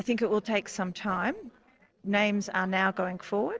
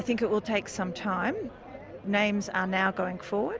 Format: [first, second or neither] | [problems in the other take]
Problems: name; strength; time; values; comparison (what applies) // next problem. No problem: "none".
second | noise reduction (neural separator model SepFormer DNS4)